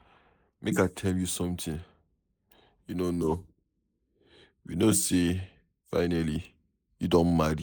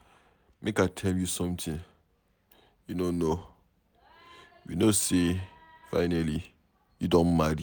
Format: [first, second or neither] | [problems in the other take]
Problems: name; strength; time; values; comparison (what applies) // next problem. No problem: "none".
second | noise reduction (neural mask model Resemble Enhance denoiser)